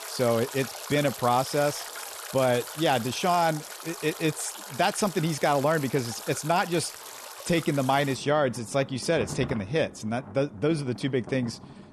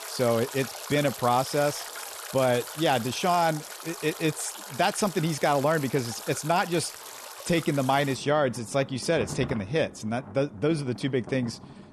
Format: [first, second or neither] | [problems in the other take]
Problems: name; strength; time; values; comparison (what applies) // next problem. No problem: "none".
neither | rain or running water; noticeable; throughout; 10 dB below the speech; the same in both